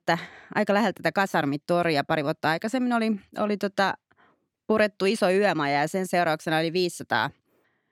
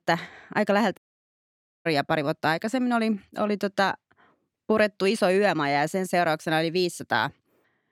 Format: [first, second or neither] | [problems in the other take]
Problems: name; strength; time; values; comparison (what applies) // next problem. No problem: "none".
first | audio cutting out; at 1 s for 1 s